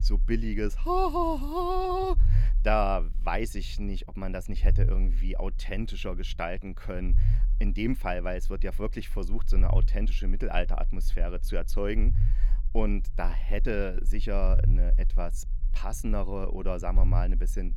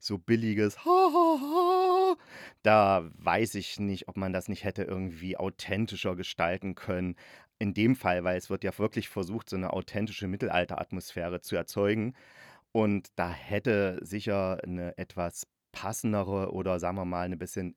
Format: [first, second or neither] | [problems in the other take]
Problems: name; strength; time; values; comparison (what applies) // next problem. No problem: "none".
second | low rumble; noticeable; throughout; 20 dB below the speech